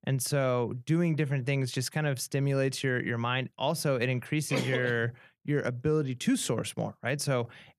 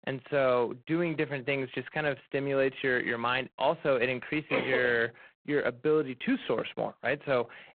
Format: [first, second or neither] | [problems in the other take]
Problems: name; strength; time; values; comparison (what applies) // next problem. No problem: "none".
first | phone-call audio; poor line; nothing above 4 kHz